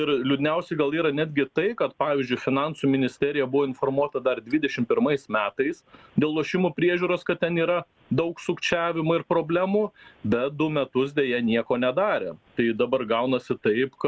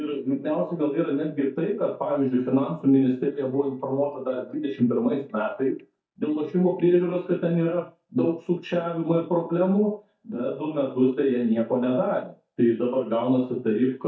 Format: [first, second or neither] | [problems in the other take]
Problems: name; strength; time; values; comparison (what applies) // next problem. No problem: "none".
first | noise reduction (neural mask model DeepFilterNet 3)